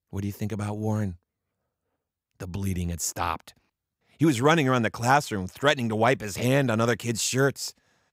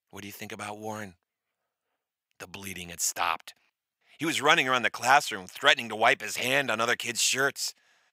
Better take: first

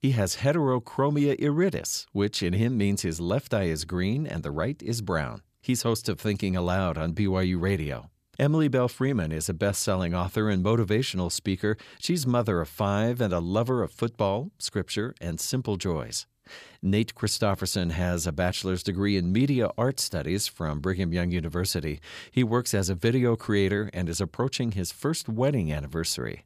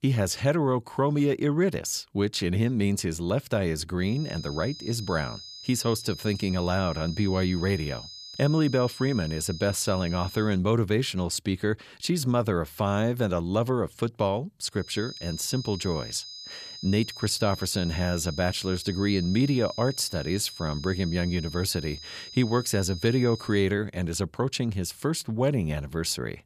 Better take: first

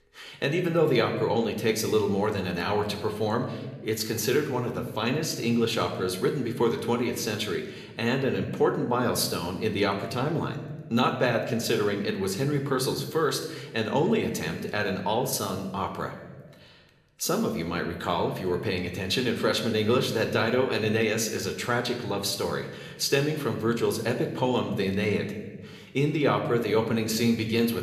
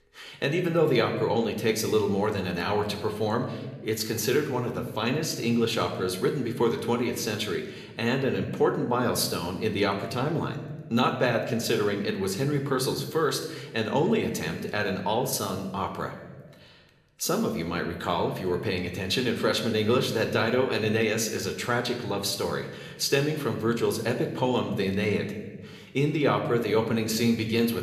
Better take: neither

